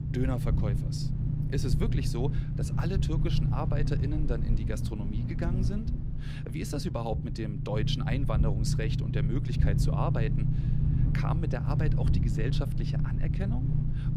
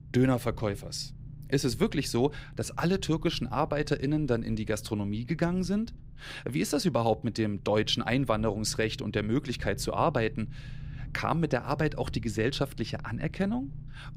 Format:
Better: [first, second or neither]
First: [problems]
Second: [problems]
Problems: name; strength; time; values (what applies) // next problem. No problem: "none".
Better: second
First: low rumble; loud; throughout; 3 dB below the speech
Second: low rumble; faint; throughout; 25 dB below the speech